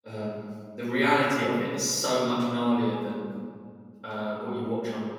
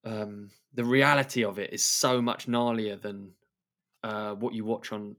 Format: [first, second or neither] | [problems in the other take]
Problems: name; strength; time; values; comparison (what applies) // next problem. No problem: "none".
second | room echo; strong; dies away in 1.9 s // off-mic speech; far